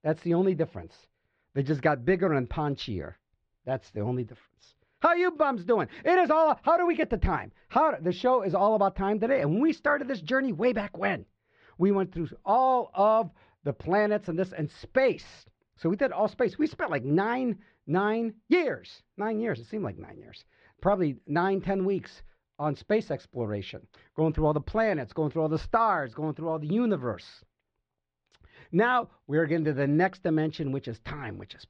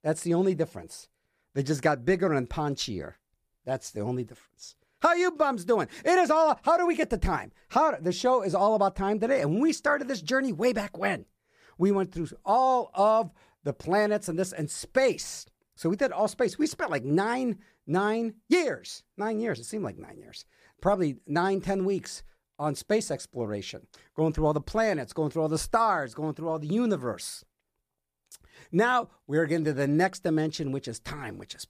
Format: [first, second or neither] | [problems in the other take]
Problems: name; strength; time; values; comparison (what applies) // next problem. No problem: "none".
second | muffled; slightly; fading above 3.5 kHz